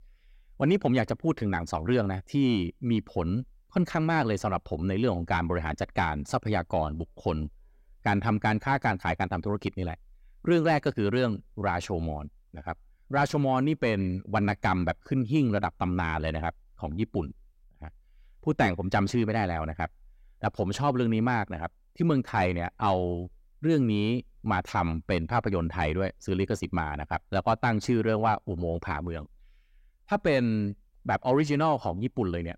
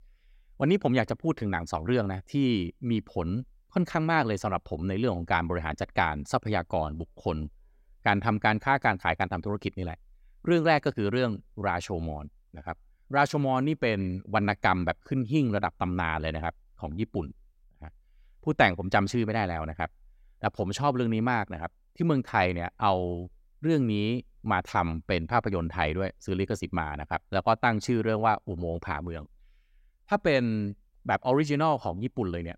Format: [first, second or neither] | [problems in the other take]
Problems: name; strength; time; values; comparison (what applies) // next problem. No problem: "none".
second | distortion; slight; 10 dB below the speech